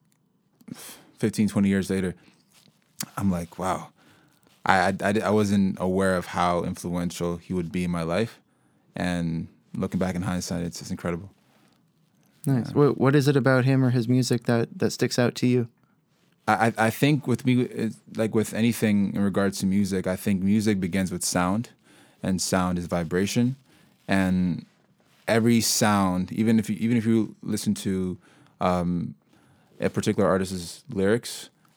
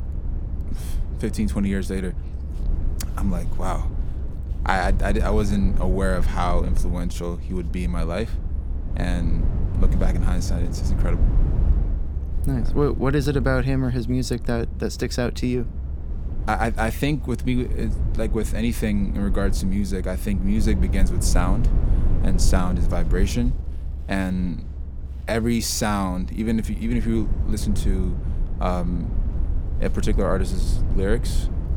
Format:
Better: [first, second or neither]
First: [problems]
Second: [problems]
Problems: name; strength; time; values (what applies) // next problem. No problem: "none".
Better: first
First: none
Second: low rumble; noticeable; throughout; 15 dB below the speech